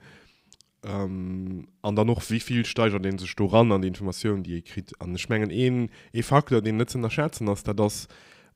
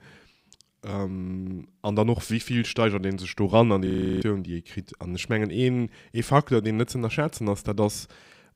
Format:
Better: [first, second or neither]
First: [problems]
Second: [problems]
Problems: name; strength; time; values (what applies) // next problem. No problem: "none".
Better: first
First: none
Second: audio freezing; at 4 s